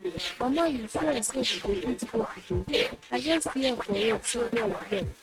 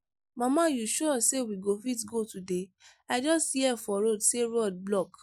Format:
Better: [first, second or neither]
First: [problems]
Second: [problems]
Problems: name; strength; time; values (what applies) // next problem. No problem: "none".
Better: second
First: noise reduction (neural mask model RNNoise)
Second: none